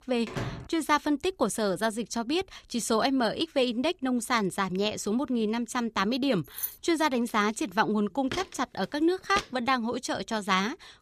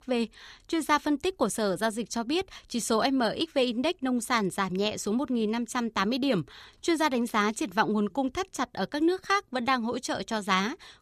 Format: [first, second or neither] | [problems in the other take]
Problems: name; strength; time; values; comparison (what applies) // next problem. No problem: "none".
second | door banging; noticeable; at 0.5 s; peak 7 dB below the speech // jangling keys; noticeable; at 6.5 s; peak 6 dB below the speech // footsteps; noticeable; from 8.5 to 9.5 s; peak 8 dB below the speech